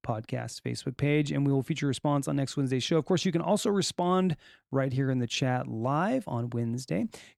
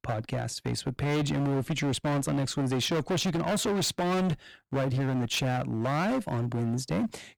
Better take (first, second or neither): first